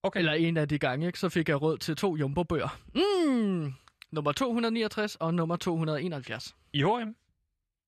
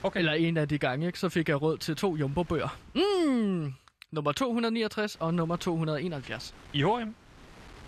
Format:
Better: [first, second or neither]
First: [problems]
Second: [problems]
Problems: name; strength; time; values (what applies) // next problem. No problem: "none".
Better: first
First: none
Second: wind noise on the microphone; occasional gusts; until 3.5 s and from 5 s on; 25 dB below the speech